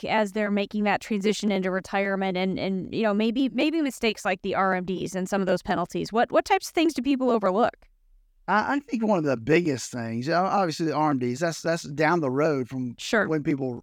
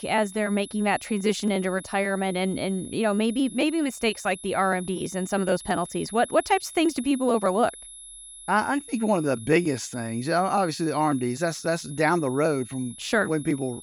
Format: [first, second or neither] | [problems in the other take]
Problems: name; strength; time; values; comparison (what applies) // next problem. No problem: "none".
first | high-pitched whine; noticeable; throughout; 11 kHz, 15 dB below the speech